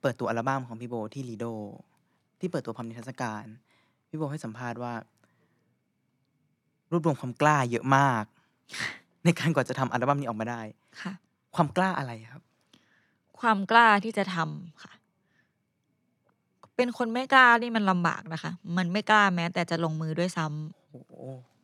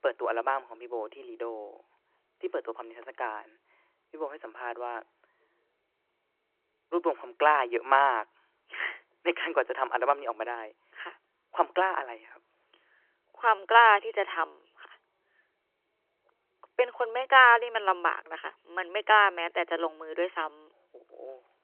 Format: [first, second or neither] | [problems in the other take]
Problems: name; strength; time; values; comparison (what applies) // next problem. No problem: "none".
first | phone-call audio; nothing above 3 kHz